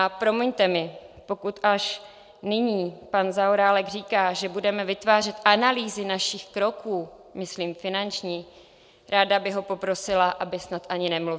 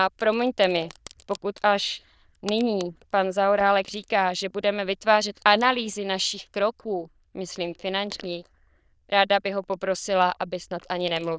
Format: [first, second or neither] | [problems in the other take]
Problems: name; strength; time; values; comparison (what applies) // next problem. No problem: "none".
first | noise reduction (neural diffusion model UNIVERSE++)